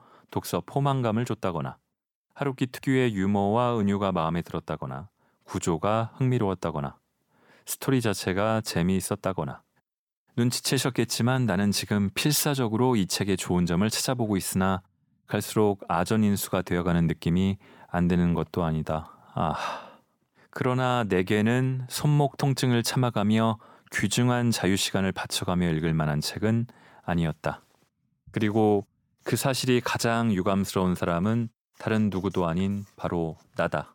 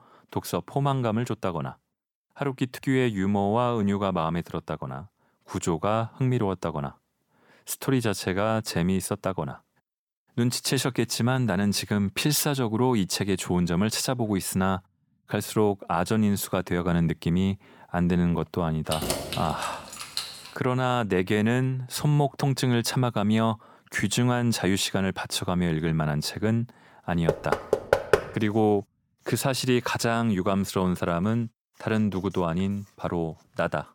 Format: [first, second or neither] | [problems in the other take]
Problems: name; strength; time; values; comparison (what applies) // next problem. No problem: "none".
first | jangling keys; noticeable; from 19 to 20 s; peak 2 dB below the speech // door banging; loud; at 27 s; peak 3 dB above the speech